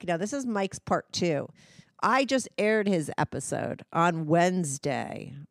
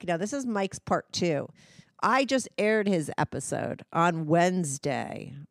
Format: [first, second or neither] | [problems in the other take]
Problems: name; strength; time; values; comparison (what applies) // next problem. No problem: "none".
neither | none